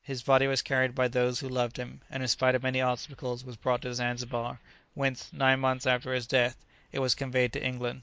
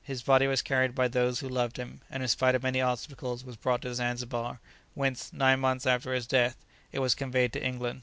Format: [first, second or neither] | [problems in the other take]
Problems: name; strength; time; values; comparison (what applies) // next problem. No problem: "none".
second | noise reduction (neural mask model Resemble Enhance denoiser)